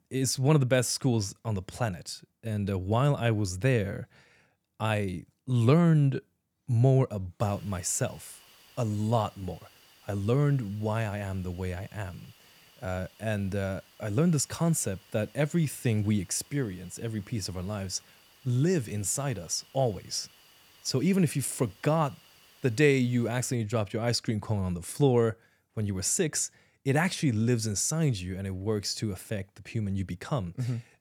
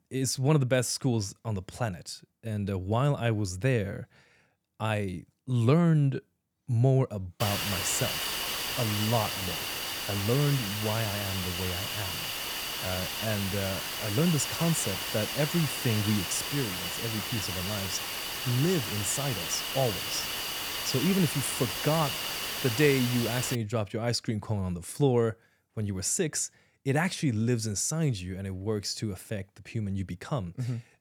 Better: first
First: hiss; faint; from 7.5 to 24 s; 25 dB below the speech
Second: hiss; loud; from 7.5 to 24 s; 2 dB below the speech

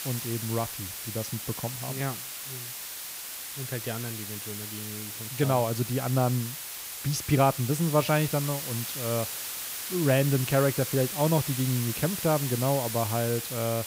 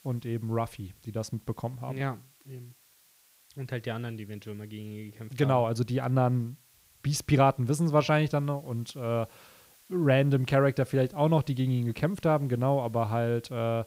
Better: second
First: hiss; loud; throughout; 5 dB below the speech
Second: hiss; faint; throughout; 30 dB below the speech

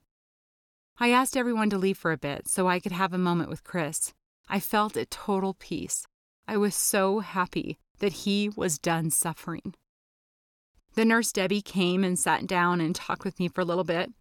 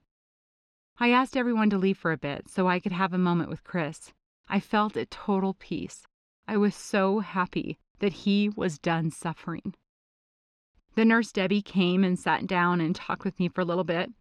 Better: first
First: none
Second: muffled; slightly; fading above 3 kHz

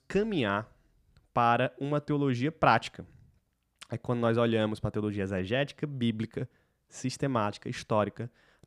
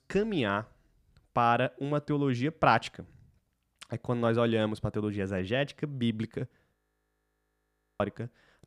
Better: first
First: none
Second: audio freezing; at 7 s for 1.5 s

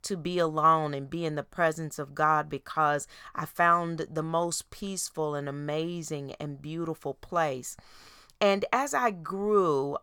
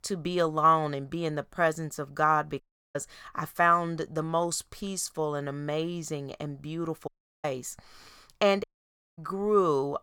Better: first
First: none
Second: audio cutting out; at 2.5 s, at 7 s and at 8.5 s for 0.5 s

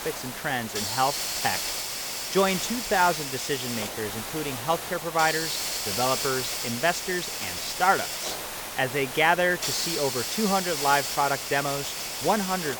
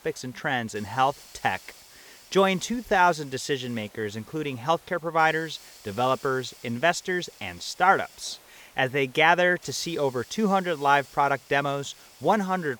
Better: second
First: hiss; loud; throughout; 2 dB below the speech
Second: hiss; faint; throughout; 25 dB below the speech

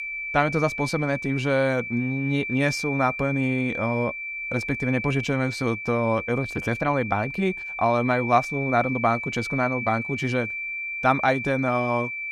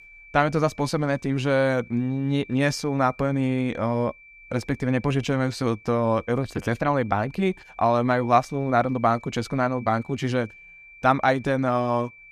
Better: second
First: high-pitched whine; loud; throughout; 2.5 kHz, 5 dB below the speech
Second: high-pitched whine; faint; throughout; 2.5 kHz, 25 dB below the speech

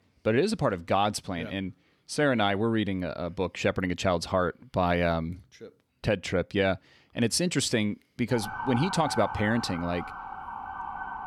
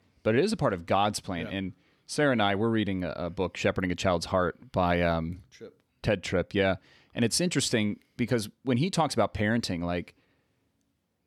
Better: second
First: siren; noticeable; from 8.5 s on; peak 6 dB below the speech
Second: none

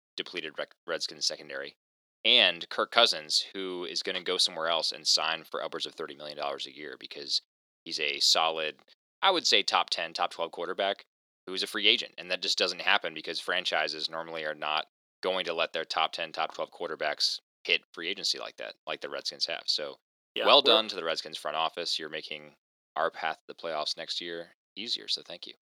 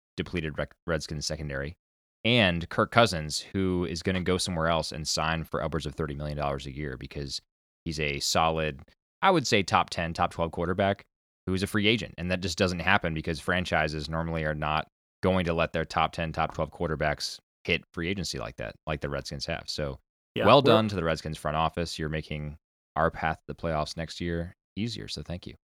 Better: second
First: thin; somewhat; fading below 350 Hz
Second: none

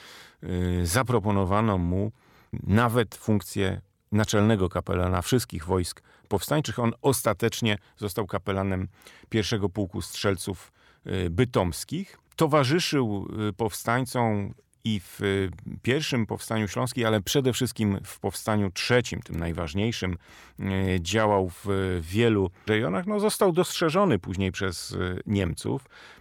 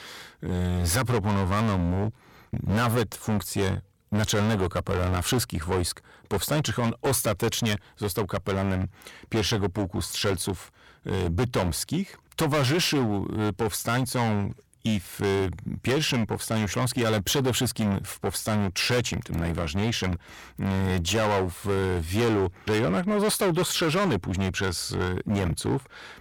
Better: first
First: none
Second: distortion; heavy; 15% of the sound clipped

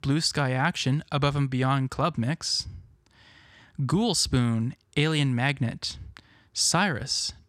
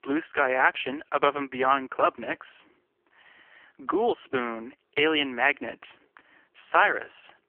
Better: first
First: none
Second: phone-call audio; poor line; nothing above 3 kHz

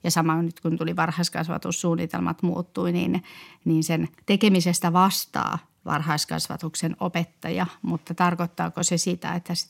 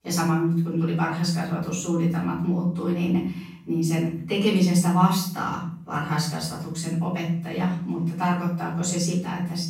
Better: first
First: none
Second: off-mic speech; far // room echo; noticeable; dies away in 0.6 s

